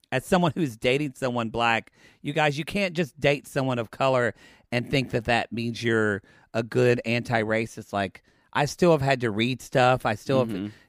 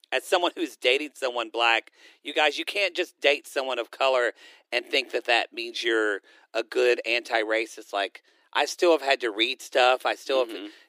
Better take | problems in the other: first | thin; very; fading below 300 Hz

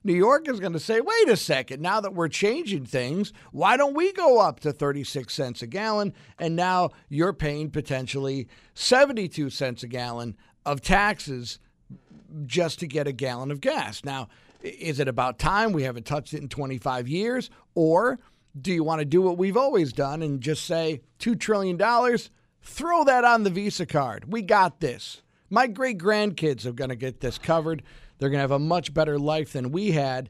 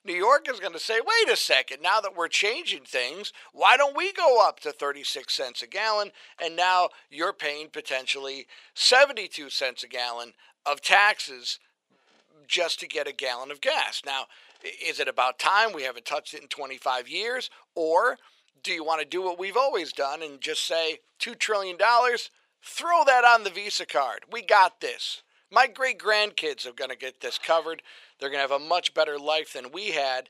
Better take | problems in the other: first | thin; very; fading below 550 Hz

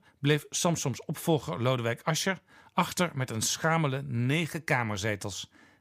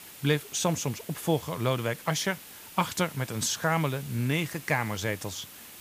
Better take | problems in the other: first | hiss; noticeable; throughout; 15 dB below the speech

